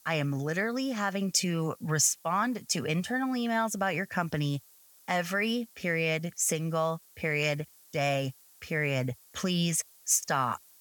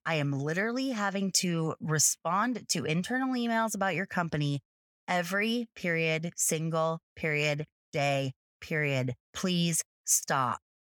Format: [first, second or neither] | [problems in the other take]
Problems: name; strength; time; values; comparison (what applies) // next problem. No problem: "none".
second | hiss; faint; throughout; 25 dB below the speech